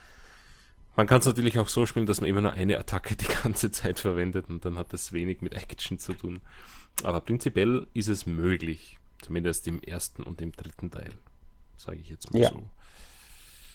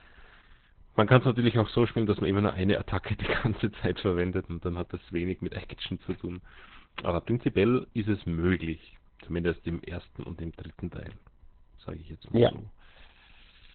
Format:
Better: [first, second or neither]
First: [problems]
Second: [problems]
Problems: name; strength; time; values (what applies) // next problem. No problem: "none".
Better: first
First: garbled, watery; slightly; nothing above 17.5 kHz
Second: garbled, watery; badly; nothing above 4 kHz